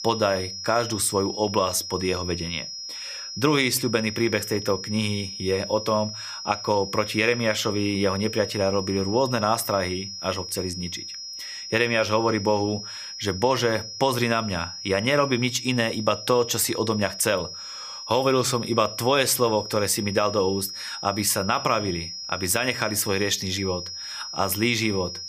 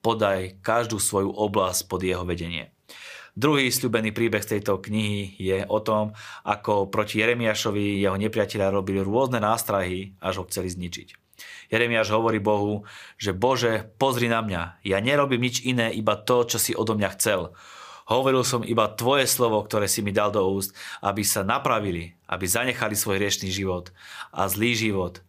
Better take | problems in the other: second | high-pitched whine; loud; throughout; 5 kHz, 9 dB below the speech

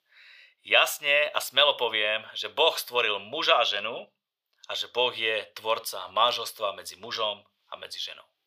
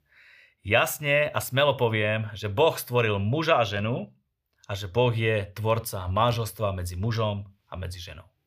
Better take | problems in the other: second | thin; very; fading below 600 Hz

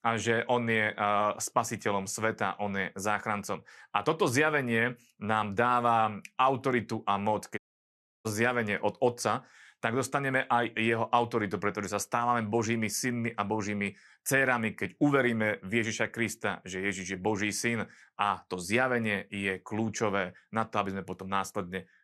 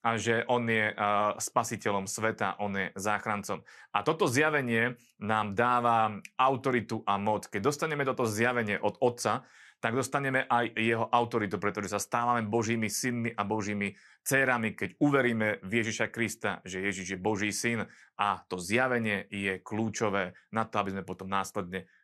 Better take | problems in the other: second | audio cutting out; at 7.5 s for 0.5 s

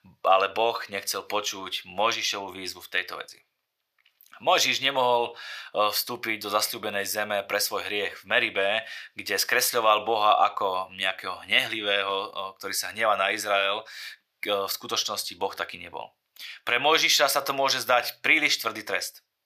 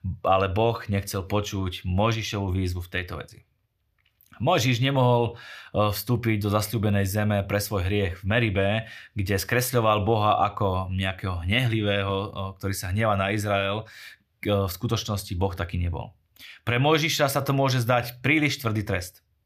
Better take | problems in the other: second | thin; very; fading below 600 Hz

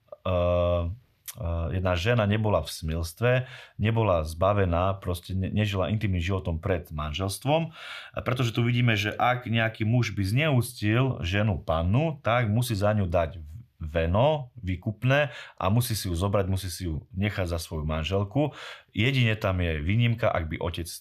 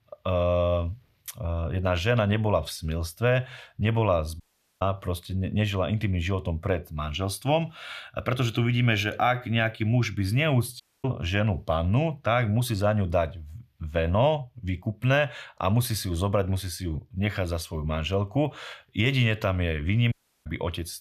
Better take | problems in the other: first | audio cutting out; at 4.5 s, at 11 s and at 20 s

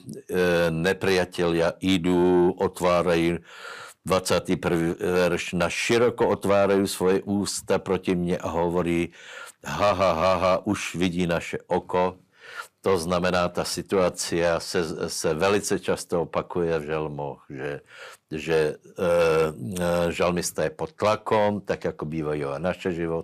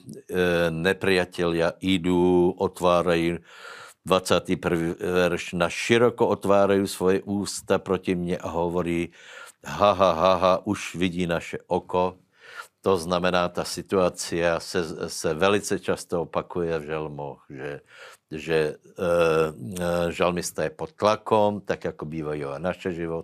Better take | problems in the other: second | distortion; slight; 10 dB below the speech

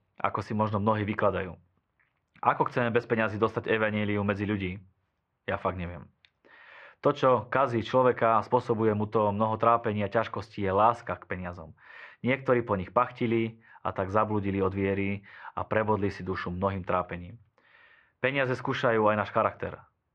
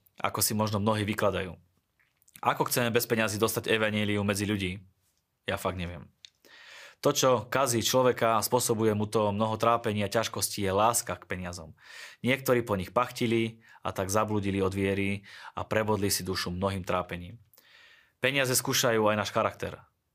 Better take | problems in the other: second | muffled; very; fading above 2.5 kHz

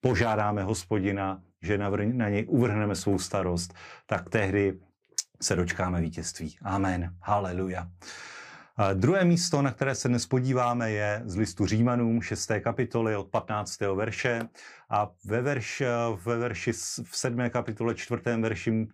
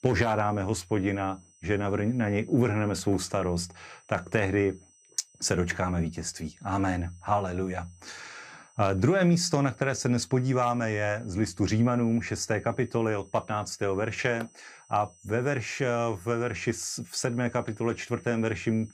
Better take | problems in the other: first | high-pitched whine; faint; throughout; 6 kHz, 30 dB below the speech

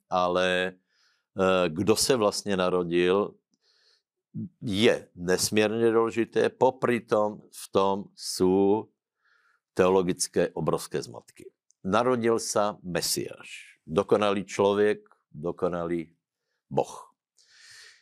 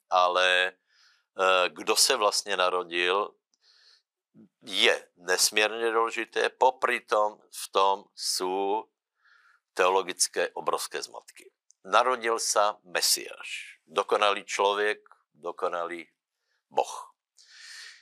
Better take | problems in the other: first | thin; very; fading below 800 Hz

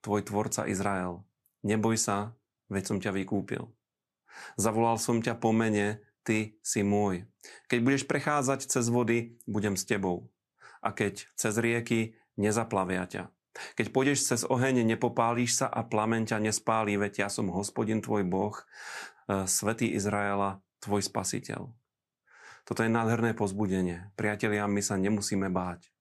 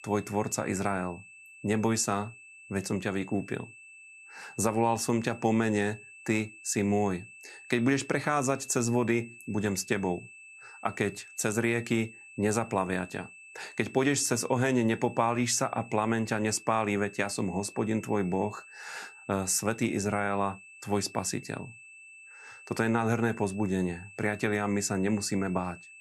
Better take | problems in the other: first | high-pitched whine; noticeable; throughout; 2.5 kHz, 20 dB below the speech

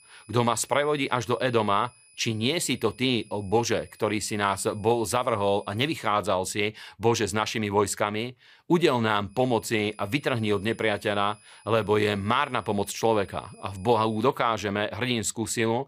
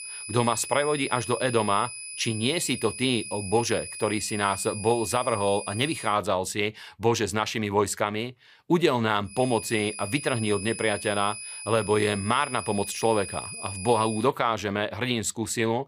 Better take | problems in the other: first | high-pitched whine; loud; until 6 s and from 9.5 to 14 s; 10 kHz, 9 dB below the speech; faint in the first

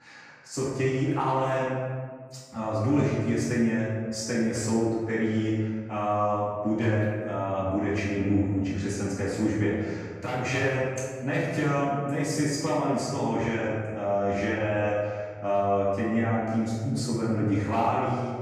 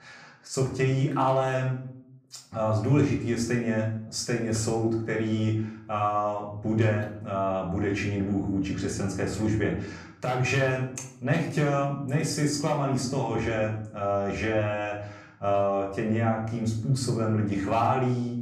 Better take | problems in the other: second | room echo; strong; dies away in 1.6 s; slight in the second // off-mic speech; far; far in the second

